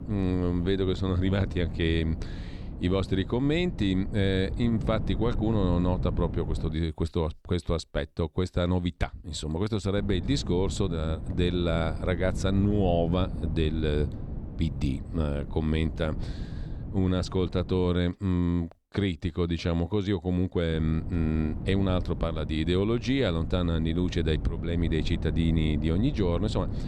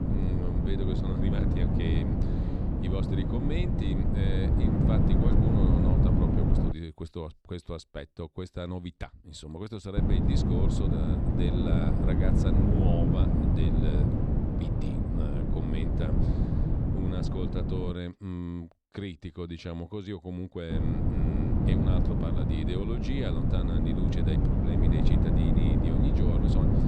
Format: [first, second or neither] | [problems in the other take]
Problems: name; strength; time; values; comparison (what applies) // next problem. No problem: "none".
first | wind noise on the microphone; heavy; until 6.5 s, from 10 to 18 s and from 21 s on; 4 dB above the speech; occasional gusts in the first